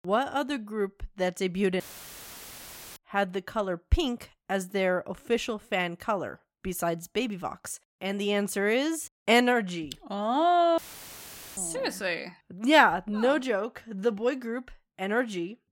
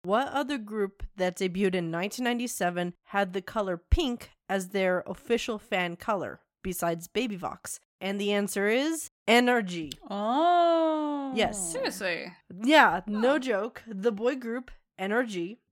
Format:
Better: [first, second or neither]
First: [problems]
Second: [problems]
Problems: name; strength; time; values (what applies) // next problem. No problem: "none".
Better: second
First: audio cutting out; filled with static; at 2 s for 1 s and at 11 s for 1 s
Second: none